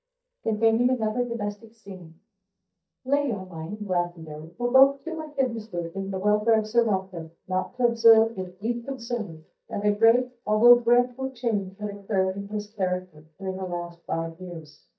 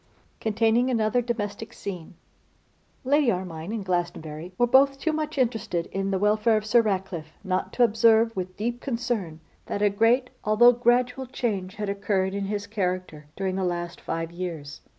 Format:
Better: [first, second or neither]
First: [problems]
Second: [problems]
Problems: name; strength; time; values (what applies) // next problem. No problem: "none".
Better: second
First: noise reduction (neural mask model DeepFilterNet 3)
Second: none